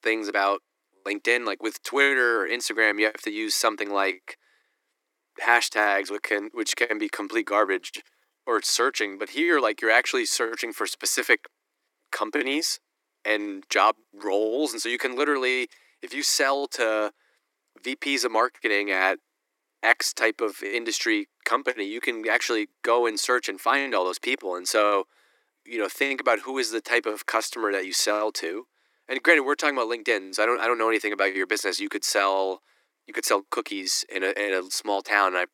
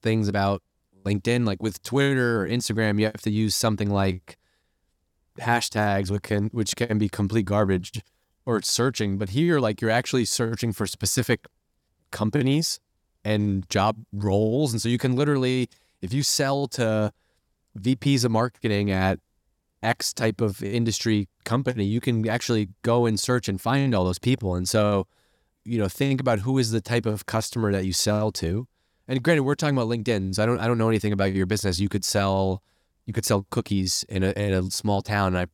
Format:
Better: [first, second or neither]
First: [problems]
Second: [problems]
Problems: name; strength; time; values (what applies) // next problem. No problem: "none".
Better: second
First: thin; very; fading below 300 Hz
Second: none